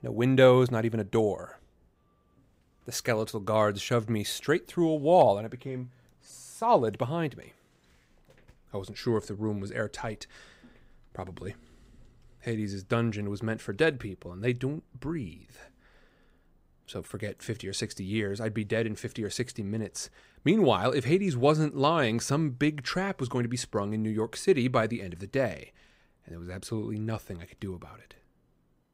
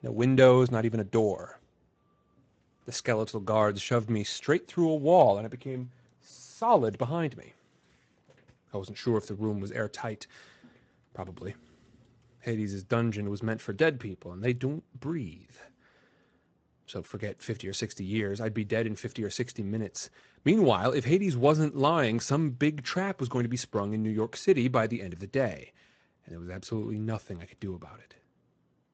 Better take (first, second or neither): first